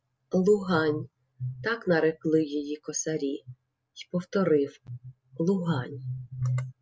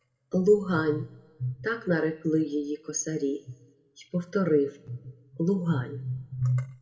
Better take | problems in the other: first | room echo; dies away in 0.6 s

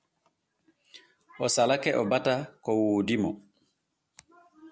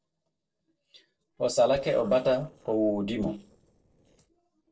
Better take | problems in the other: first | noise reduction (neural separator model SepFormer DNS4)

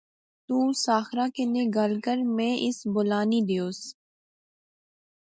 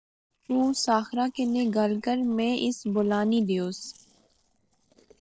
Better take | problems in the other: first | noise reduction (neural separator model SepFormer DNS4)

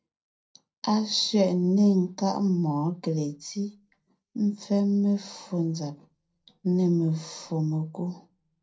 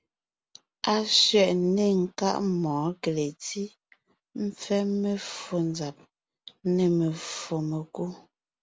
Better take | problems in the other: second | room echo; dies away in 0.2 s

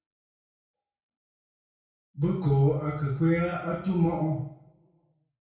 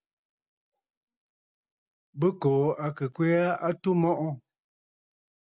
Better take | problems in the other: second | room echo; dies away in 0.6 s

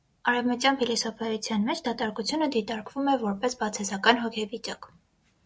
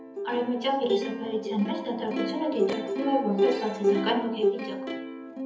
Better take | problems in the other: first | background sound (Plucked string instrument); as loud as the speech // room echo; dies away in 0.7 s

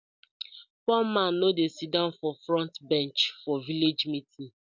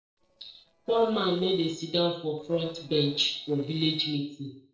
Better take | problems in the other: first | noise reduction (neural separator model SepFormer DNS4)

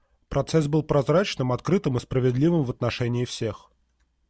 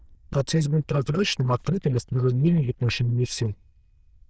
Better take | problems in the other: first | noise reduction (neural diffusion model UNIVERSE++)

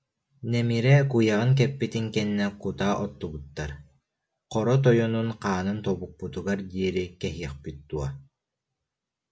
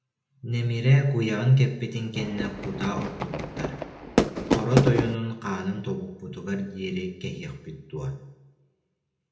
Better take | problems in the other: first | background sound (Fireworks); as loud as the speech // room echo; dies away in 0.8 s

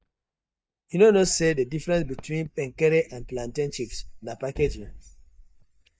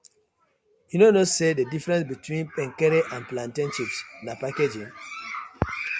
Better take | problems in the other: second | noise reduction (neural mask model DeepFilterNet 3)

